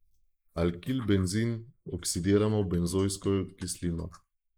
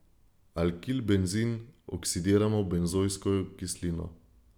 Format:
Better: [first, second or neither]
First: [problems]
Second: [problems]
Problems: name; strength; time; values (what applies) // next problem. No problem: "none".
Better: second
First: noise reduction (neural mask model Resemble Enhance denoiser)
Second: none